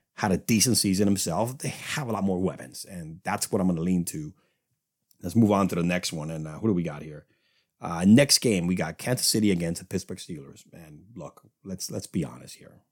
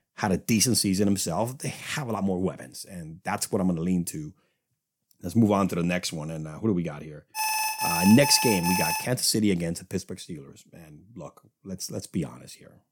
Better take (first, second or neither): first